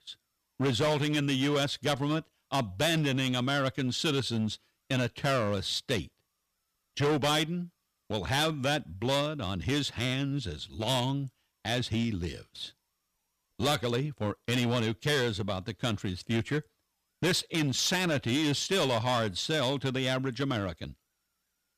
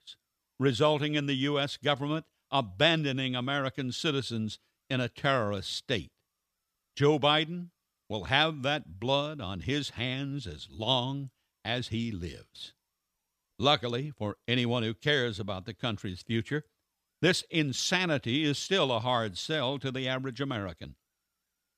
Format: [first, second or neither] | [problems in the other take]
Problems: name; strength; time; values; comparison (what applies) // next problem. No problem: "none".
second | distortion; heavy; 10% of the sound clipped